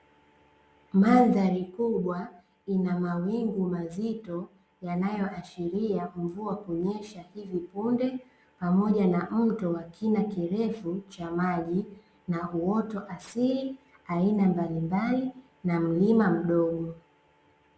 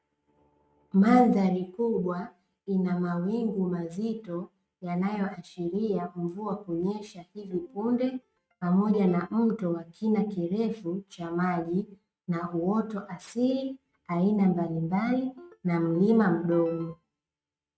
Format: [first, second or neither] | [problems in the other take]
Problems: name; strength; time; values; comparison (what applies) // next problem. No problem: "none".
first | noise reduction (neural mask model RNNoise)